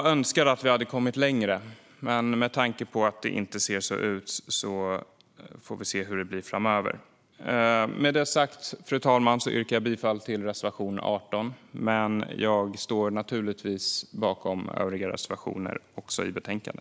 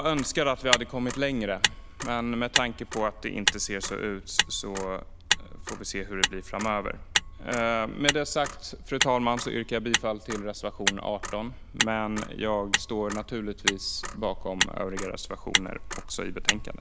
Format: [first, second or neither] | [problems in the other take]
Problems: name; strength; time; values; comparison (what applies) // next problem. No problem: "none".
first | background sound (Motor vehicle (road)); 1 dB below the speech